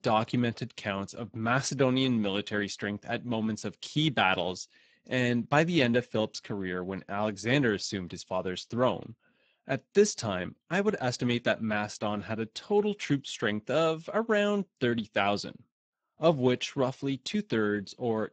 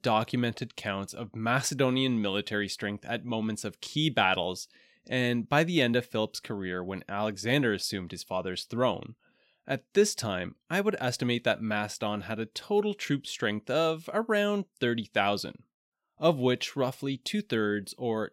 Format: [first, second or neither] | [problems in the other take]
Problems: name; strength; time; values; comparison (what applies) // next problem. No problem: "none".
second | garbled, watery; badly; nothing above 8 kHz